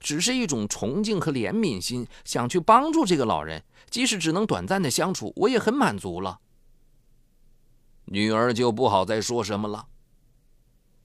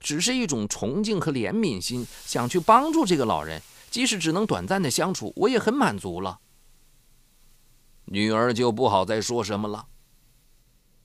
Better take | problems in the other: first | hiss; faint; throughout; 25 dB below the speech

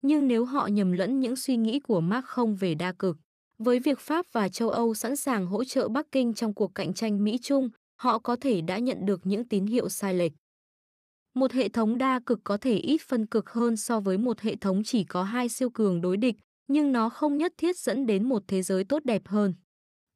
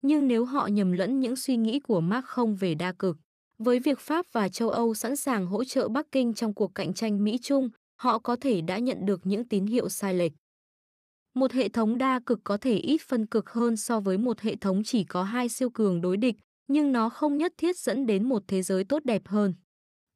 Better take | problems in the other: neither | none

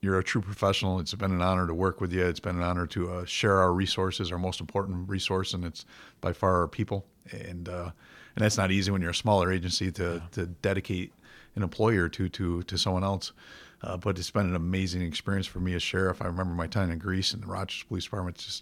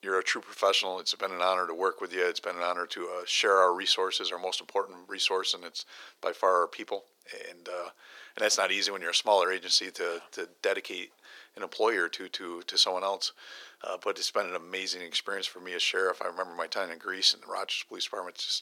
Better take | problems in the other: first | thin; very; fading below 400 Hz

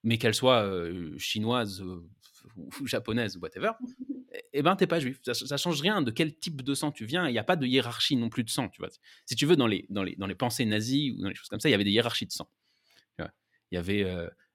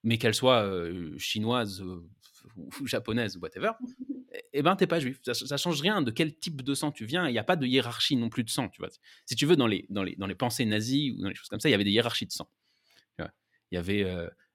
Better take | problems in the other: neither | none

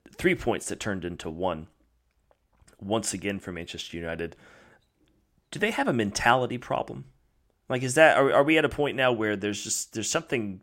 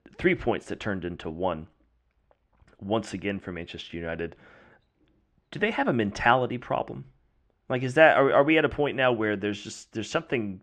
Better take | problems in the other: first | muffled; slightly; fading above 3 kHz

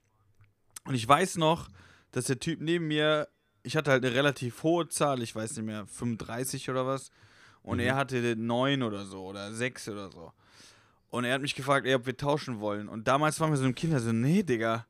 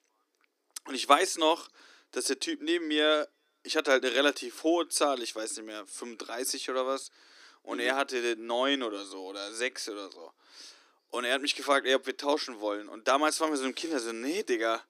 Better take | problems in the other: first | thin; somewhat; fading below 300 Hz

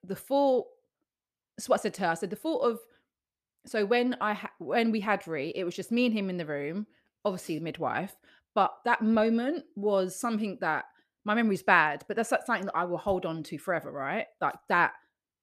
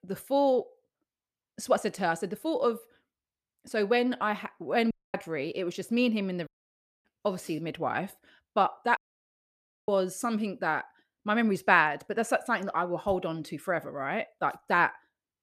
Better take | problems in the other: first | audio cutting out; at 5 s, at 6.5 s for 0.5 s and at 9 s for 1 s

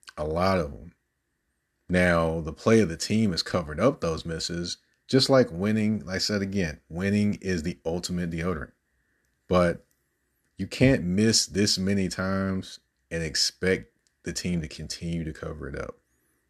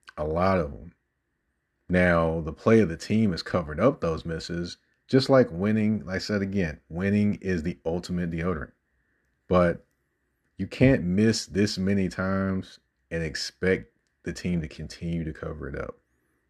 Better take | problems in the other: first | muffled; slightly; fading above 3.5 kHz

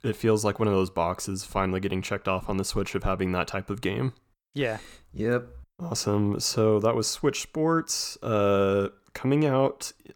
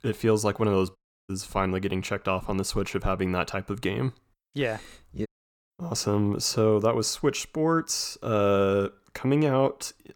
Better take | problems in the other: first | audio cutting out; at 1 s and at 5.5 s

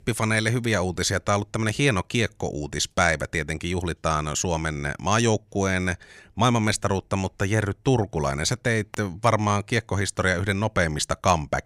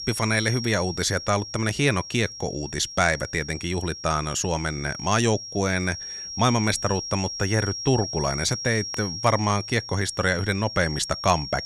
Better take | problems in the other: first | high-pitched whine; loud; throughout; 5.5 kHz, 8 dB below the speech

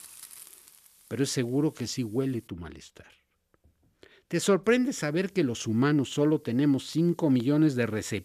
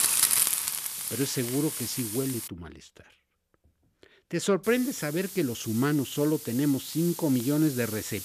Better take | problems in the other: first | hiss; loud; until 2.5 s and from 4.5 s on; 2 dB below the speech; faint in the first

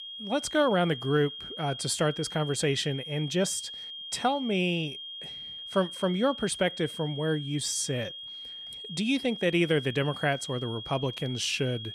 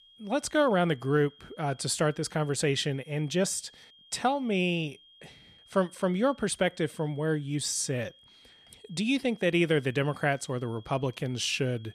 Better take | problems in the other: second | high-pitched whine; loud; throughout; 3.5 kHz, 9 dB below the speech; faint in the second

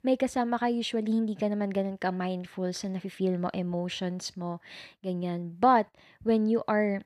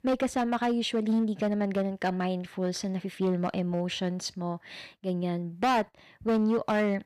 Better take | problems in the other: first | distortion; slight; 7% of the sound clipped

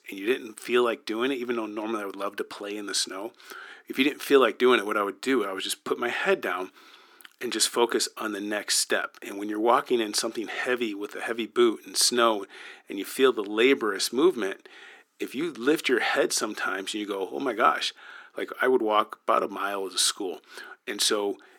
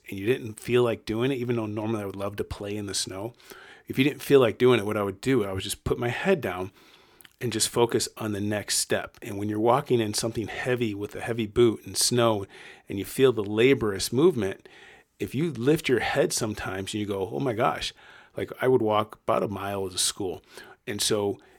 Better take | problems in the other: second | thin; very slightly; fading below 250 Hz

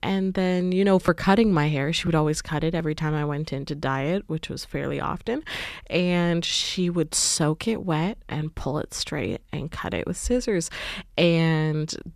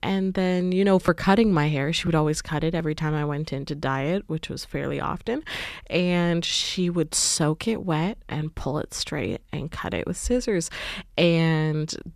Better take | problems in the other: neither | none

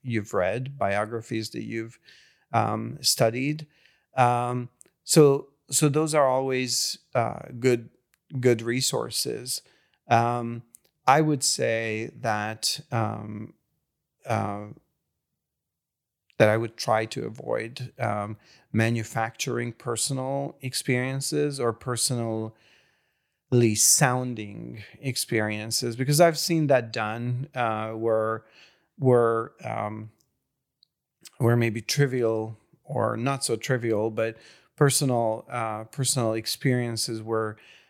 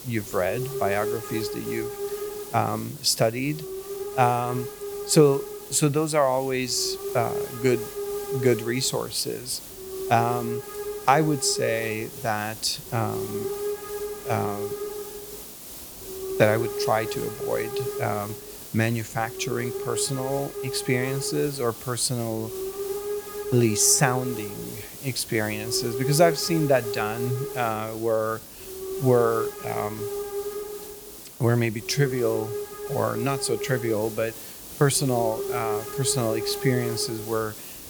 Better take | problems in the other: first | hiss; loud; throughout; 8 dB below the speech

